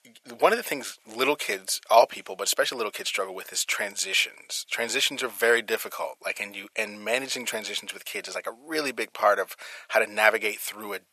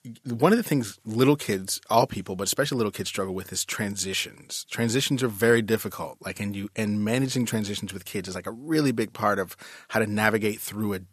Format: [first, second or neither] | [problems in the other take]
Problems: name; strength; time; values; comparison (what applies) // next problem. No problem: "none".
second | thin; very; fading below 650 Hz